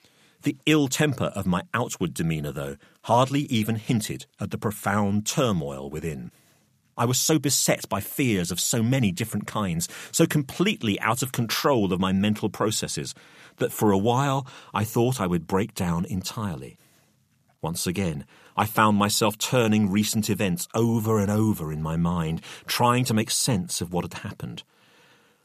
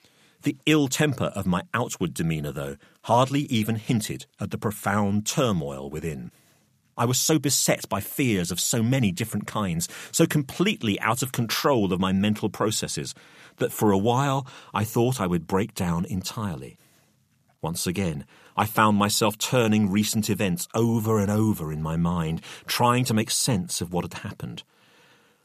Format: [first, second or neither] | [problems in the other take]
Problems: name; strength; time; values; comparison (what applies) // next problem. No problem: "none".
neither | none